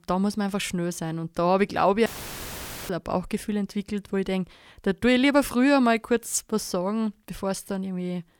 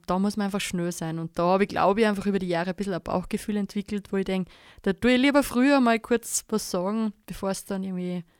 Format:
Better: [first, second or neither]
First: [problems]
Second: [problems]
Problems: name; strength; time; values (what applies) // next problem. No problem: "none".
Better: second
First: audio cutting out; filled with static; at 2 s for 1 s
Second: none